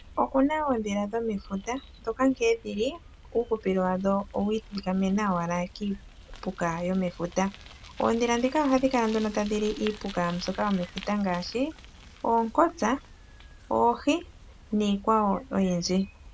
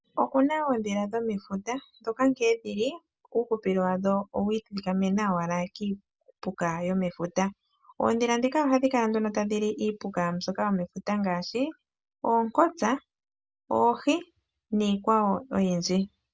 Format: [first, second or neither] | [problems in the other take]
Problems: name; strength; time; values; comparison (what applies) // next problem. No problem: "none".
second | background sound (Bicycle); 19 dB below the speech